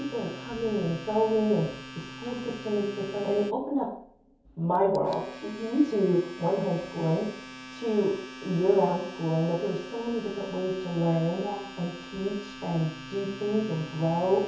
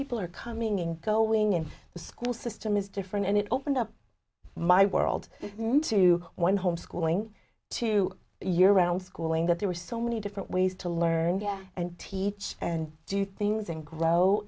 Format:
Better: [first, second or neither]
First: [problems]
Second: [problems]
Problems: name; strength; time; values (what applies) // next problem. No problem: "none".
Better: second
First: background sound (Domestic sounds, home sounds); 15 dB below the speech // room echo; dies away in 0.6 s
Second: none